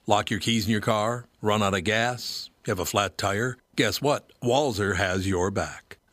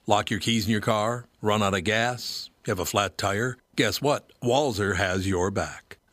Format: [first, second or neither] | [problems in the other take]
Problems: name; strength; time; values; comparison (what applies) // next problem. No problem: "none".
neither | none